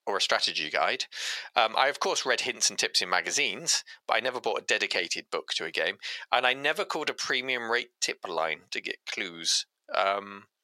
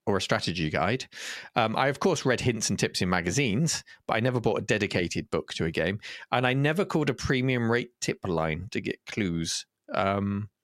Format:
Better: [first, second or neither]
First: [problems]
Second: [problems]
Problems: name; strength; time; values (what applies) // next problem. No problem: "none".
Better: second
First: thin; very; fading below 700 Hz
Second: none